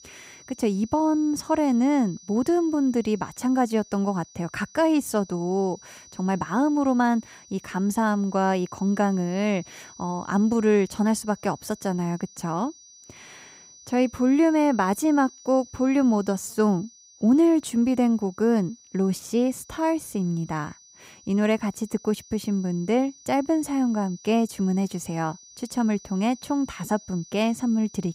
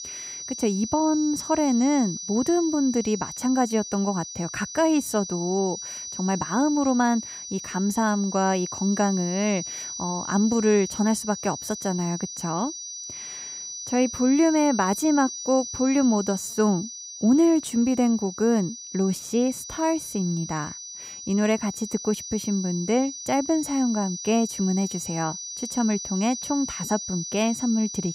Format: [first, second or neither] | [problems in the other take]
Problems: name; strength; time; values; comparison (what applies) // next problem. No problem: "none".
first | high-pitched whine; loud; throughout; 6 kHz, 9 dB below the speech; faint in the first